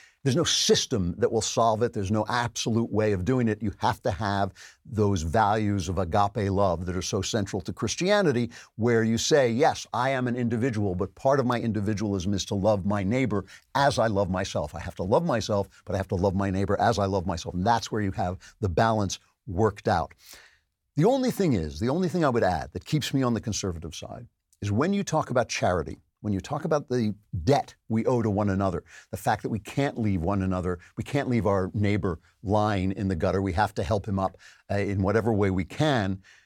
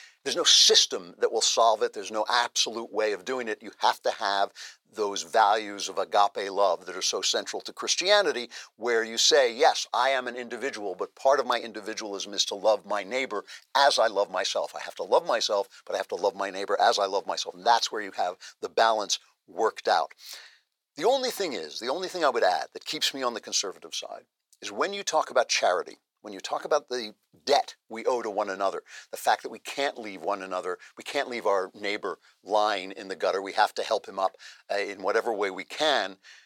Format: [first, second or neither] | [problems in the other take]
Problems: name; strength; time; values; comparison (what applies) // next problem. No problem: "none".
first | thin; very; fading below 450 Hz